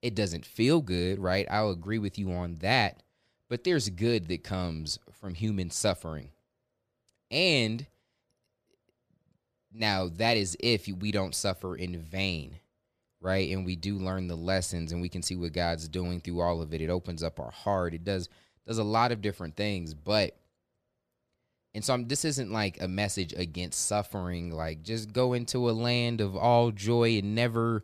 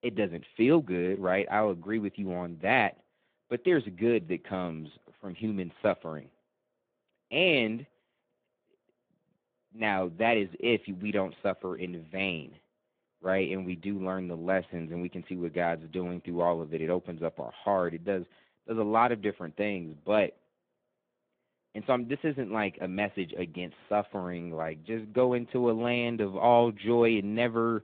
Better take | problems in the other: first | phone-call audio

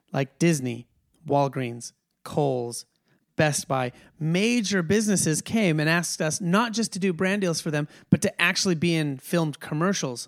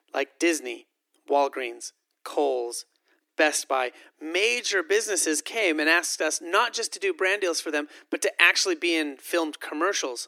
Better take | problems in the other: first | thin; very; fading below 300 Hz

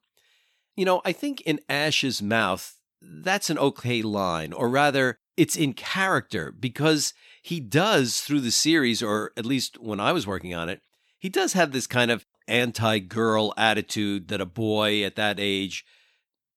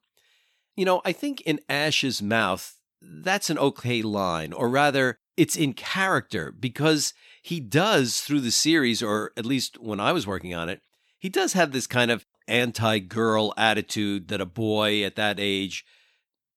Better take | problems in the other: neither | none

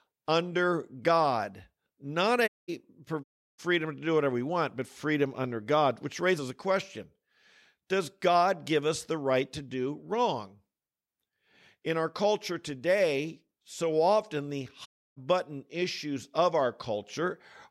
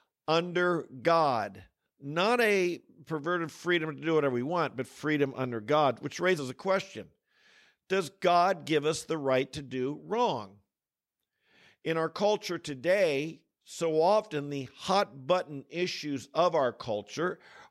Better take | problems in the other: second | audio cutting out; at 2.5 s, at 3 s and at 15 s

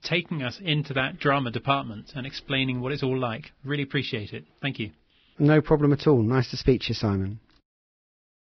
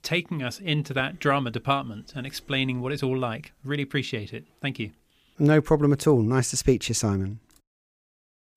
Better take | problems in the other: second | garbled, watery; badly; nothing above 5.5 kHz

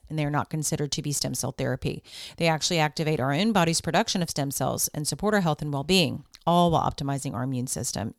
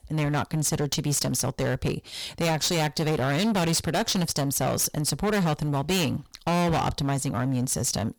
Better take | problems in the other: first | distortion; heavy; 22% of the sound clipped

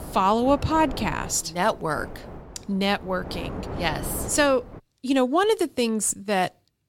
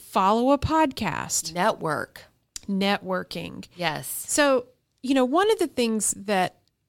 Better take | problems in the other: second | wind noise on the microphone; occasional gusts; until 5 s; 15 dB below the speech

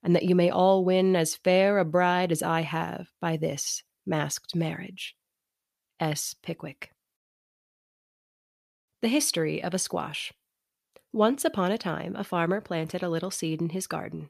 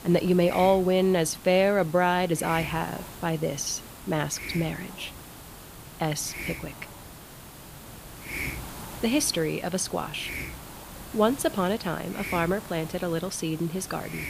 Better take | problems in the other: first | hiss; noticeable; throughout; 15 dB below the speech

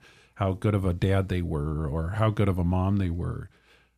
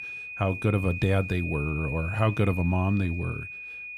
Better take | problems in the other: first | high-pitched whine; loud; throughout; 2.5 kHz, 8 dB below the speech

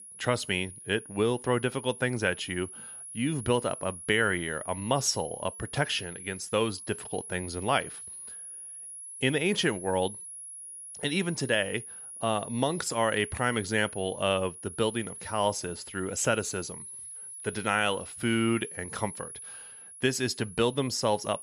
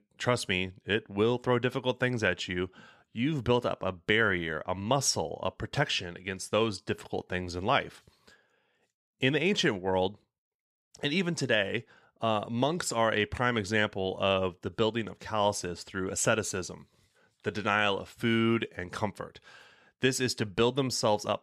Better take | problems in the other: second | high-pitched whine; noticeable; throughout; 10.5 kHz, 10 dB below the speech

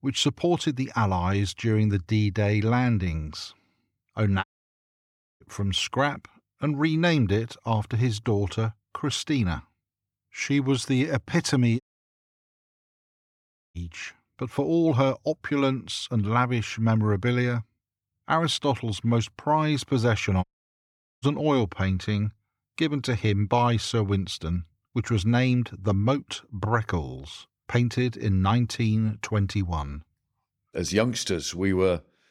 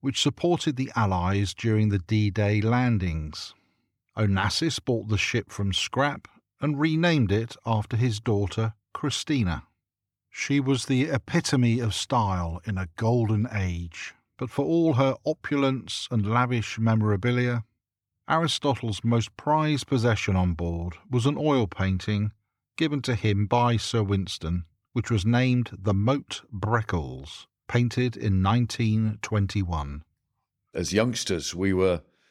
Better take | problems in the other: second | audio cutting out; at 4.5 s for 1 s, at 12 s for 2 s and at 20 s for 1 s

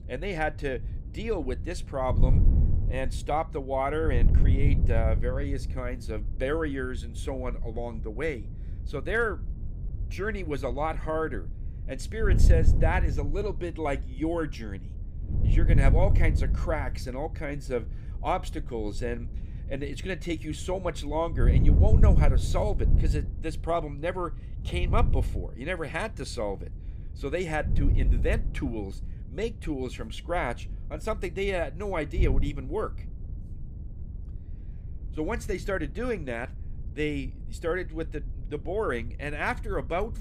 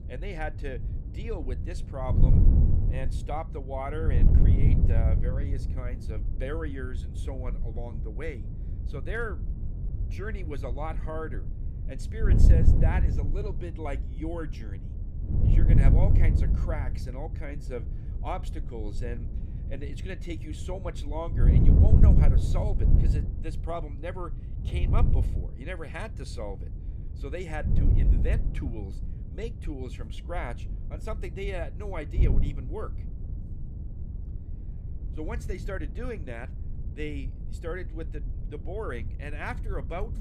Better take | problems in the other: first | wind noise on the microphone; heavy; 4 dB below the speech; occasional gusts in the first

